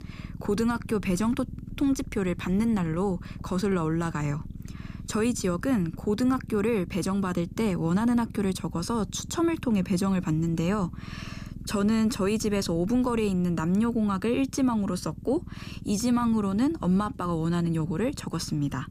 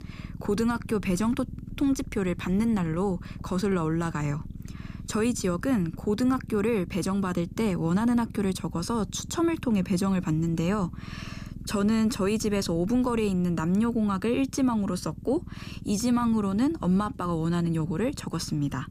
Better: neither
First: low rumble; noticeable; throughout; 20 dB below the speech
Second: low rumble; noticeable; throughout; 20 dB below the speech

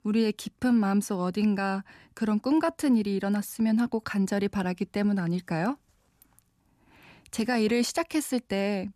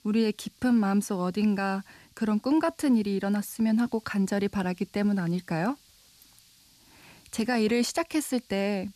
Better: first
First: none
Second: hiss; faint; throughout; 30 dB below the speech

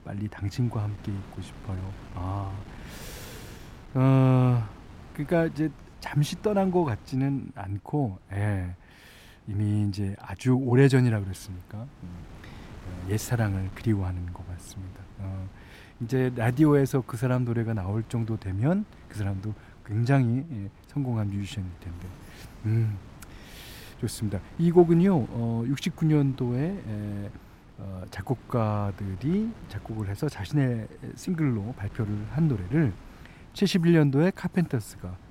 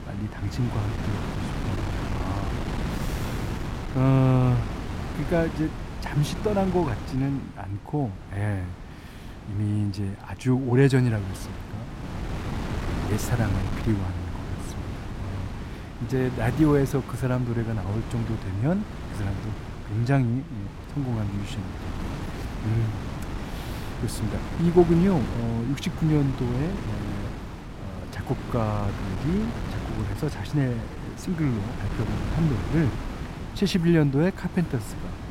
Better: first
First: wind noise on the microphone; occasional gusts; 20 dB below the speech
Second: wind noise on the microphone; heavy; 7 dB below the speech

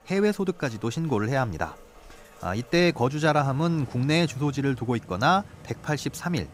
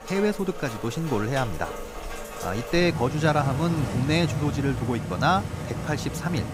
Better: first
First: rain or running water; faint; throughout; 20 dB below the speech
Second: rain or running water; loud; throughout; 6 dB below the speech

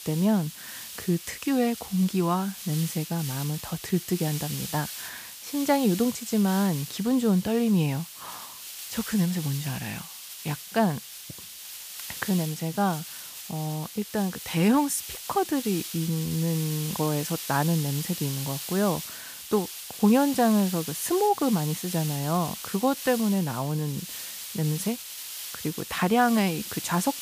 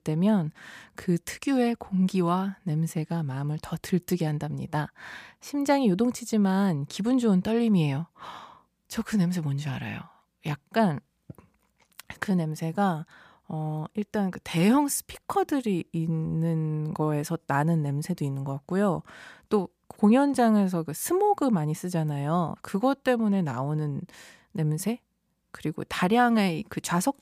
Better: second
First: hiss; loud; throughout; 9 dB below the speech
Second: none

